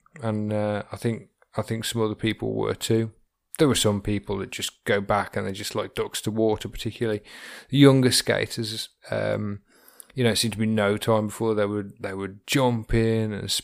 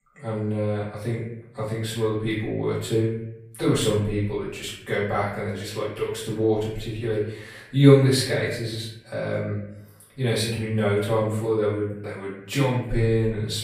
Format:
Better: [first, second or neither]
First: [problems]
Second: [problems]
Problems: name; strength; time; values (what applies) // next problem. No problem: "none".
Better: first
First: none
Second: off-mic speech; far // room echo; noticeable; dies away in 0.8 s